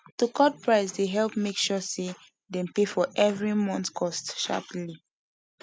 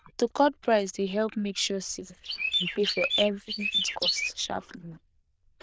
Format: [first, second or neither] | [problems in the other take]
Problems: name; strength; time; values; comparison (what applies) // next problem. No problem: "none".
first | noise reduction (neural diffusion model UNIVERSE++)